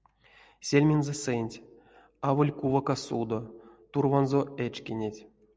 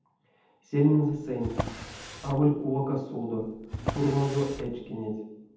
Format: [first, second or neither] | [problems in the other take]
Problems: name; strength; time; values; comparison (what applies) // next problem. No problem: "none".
first | background sound (Drawer open or close); 9 dB below the speech // room echo; dies away in 0.8 s